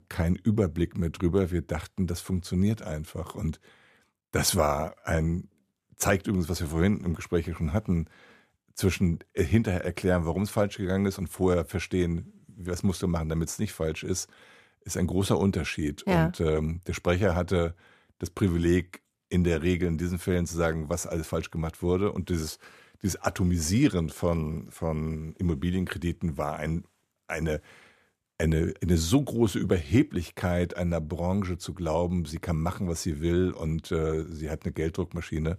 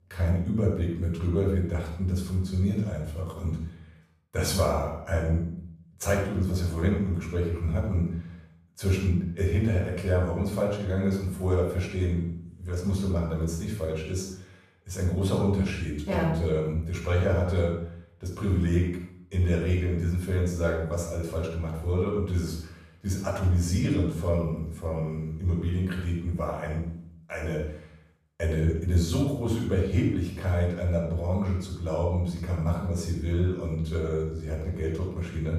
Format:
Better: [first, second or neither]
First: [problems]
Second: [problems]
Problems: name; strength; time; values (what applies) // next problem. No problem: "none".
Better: first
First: none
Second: off-mic speech; far // room echo; noticeable; dies away in 0.6 s